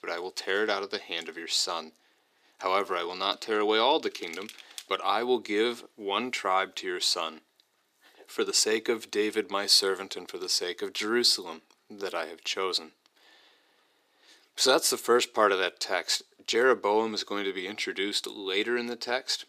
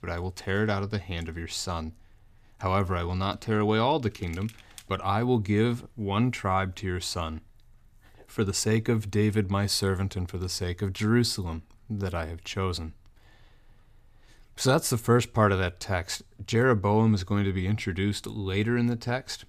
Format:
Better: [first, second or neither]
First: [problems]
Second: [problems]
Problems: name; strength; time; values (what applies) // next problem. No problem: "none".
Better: second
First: thin; very; fading below 350 Hz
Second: none